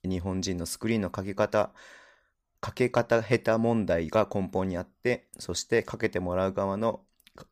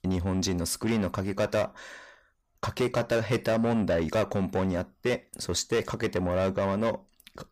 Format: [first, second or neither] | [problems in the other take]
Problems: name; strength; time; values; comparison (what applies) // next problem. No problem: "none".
first | distortion; heavy; 8 dB below the speech